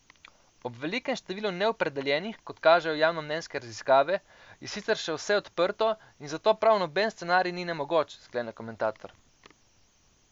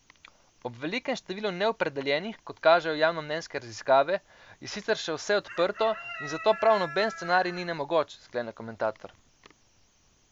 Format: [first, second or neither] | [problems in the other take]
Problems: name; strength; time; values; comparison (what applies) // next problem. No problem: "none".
first | background sound (Chicken, rooster); 11 dB below the speech